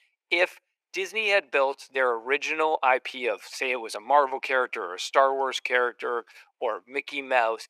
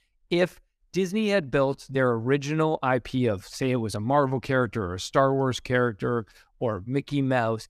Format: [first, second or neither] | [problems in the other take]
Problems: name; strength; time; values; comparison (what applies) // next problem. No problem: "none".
second | thin; very; fading below 400 Hz